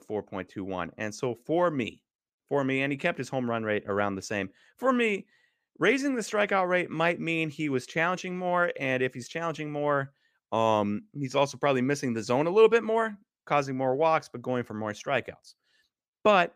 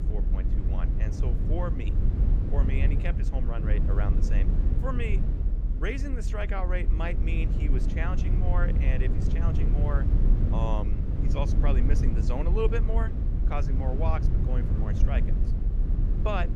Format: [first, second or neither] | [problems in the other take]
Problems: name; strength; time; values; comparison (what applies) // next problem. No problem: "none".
first | low rumble; loud; throughout; 5 dB below the speech